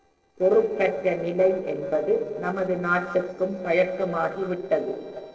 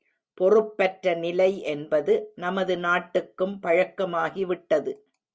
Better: second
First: noise reduction (neural separator model SepFormer DNS4)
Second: none

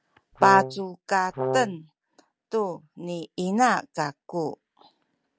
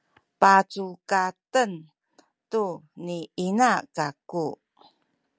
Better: second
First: background sound (Brass instrument); 3 dB below the speech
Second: none

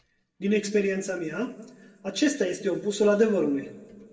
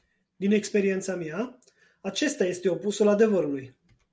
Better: second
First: room echo; dies away in 1.1 s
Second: none

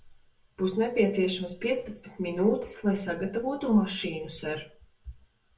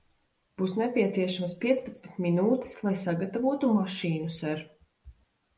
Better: second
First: room echo; dies away in 0.1 s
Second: none

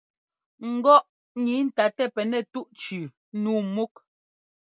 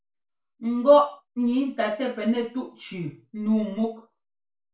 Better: first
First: none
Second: room echo; dies away in 0.3 s

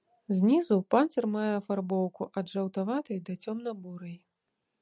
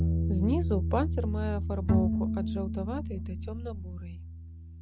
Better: first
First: none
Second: background sound (Bass guitar + Bowed string instrument); 5 dB above the speech

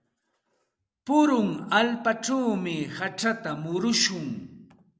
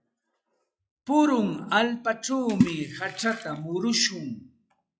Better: first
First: none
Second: noise reduction (classical method log-MMSE)

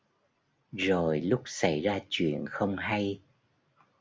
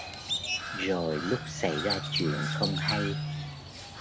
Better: first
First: none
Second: background sound (Crow); as loud as the speech

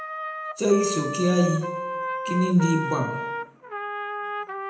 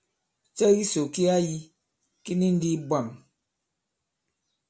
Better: second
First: background sound (Trumpet); 6 dB below the speech // room echo; dies away in 0.7 s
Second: none

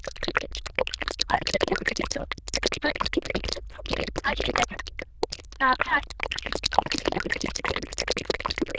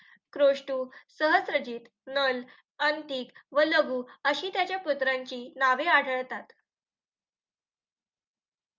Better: second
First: noise reduction (neural diffusion model UNIVERSE++)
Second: none

